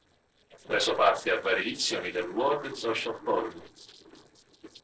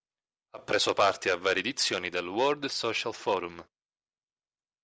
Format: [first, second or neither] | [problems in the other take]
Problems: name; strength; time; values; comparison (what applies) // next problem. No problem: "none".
second | noise reduction (neural separator model SepFormer DNS4)